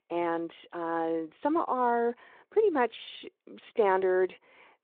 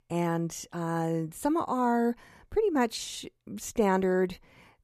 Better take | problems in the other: second | phone-call audio; nothing above 3.5 kHz

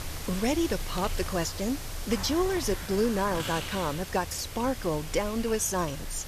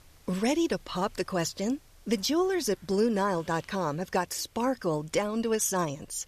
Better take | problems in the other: second | hiss; loud; throughout; 8 dB below the speech; faint in the second

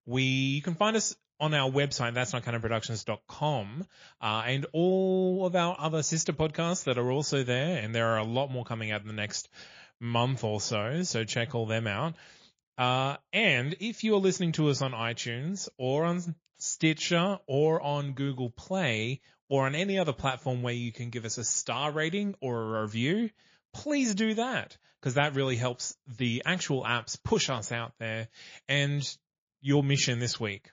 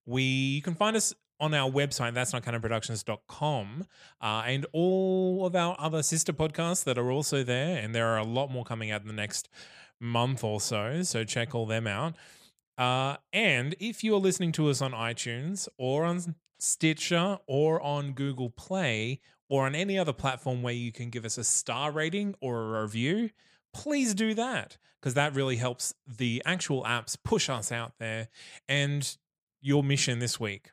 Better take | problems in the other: second | garbled, watery; slightly

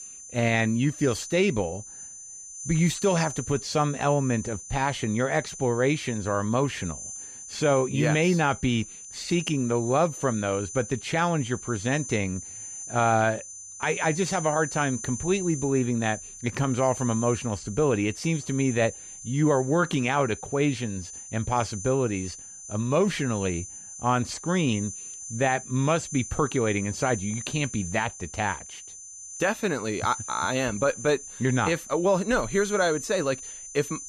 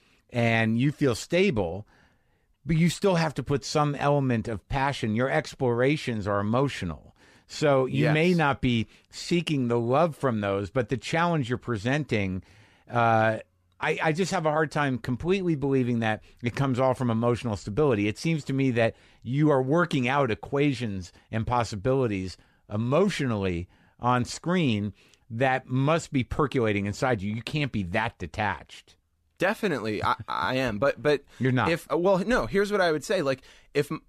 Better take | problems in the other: second | high-pitched whine; noticeable; throughout; 6 kHz, 10 dB below the speech

